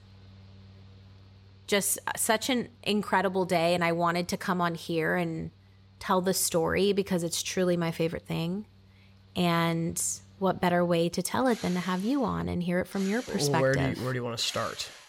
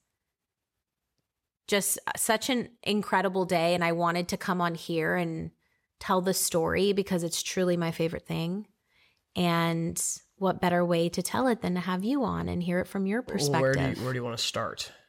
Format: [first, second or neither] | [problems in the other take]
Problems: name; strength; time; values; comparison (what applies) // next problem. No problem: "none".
second | machinery noise; faint; throughout; 25 dB below the speech